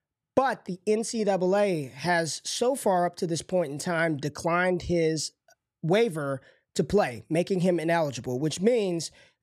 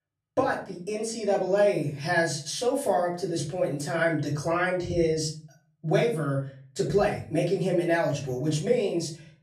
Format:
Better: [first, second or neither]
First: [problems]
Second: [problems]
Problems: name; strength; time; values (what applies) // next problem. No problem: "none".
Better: first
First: none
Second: off-mic speech; far // room echo; slight; dies away in 0.4 s